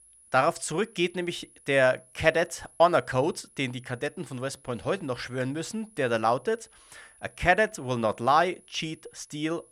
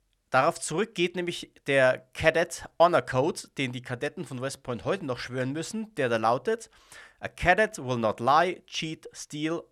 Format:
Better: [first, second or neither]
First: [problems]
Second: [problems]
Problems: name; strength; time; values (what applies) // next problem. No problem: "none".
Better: second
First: high-pitched whine; faint; throughout; 10.5 kHz, 30 dB below the speech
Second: none